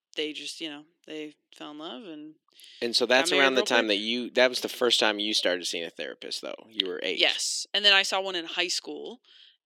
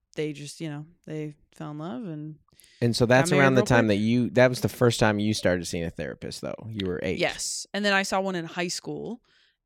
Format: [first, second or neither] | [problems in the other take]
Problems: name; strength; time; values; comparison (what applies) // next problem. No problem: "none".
second | thin; somewhat; fading below 300 Hz